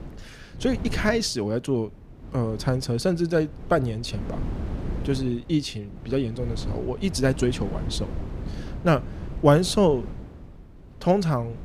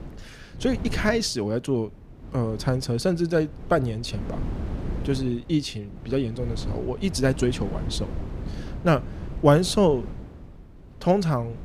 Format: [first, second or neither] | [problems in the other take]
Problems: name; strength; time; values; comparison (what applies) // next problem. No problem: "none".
neither | wind noise on the microphone; occasional gusts; 15 dB below the speech; the same in both